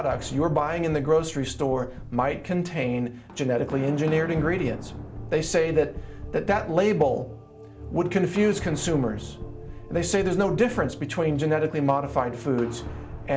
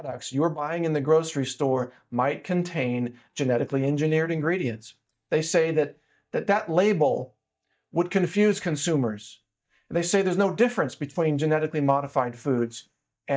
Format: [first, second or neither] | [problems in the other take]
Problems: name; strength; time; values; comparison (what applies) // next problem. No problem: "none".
first | noise reduction (neural mask model DeepFilterNet 3)